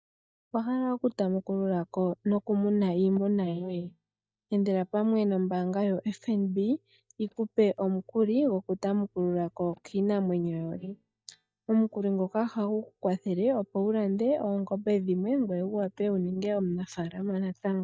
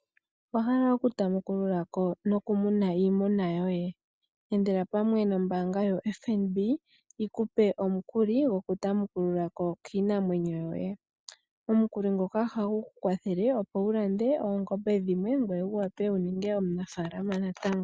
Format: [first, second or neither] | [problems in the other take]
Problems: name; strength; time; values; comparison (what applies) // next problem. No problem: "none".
second | noise reduction (neural mask model DeepFilterNet 3)